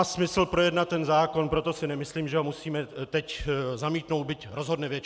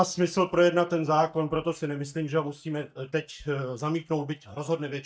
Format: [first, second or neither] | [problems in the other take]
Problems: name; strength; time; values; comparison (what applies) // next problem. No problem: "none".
first | noise reduction (neural mask model DeepFilterNet 3)